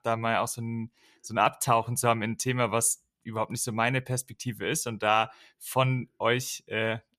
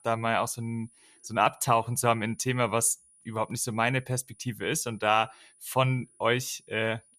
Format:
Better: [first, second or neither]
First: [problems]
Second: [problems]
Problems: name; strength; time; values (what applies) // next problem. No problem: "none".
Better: first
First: none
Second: high-pitched whine; faint; throughout; 10 kHz, 30 dB below the speech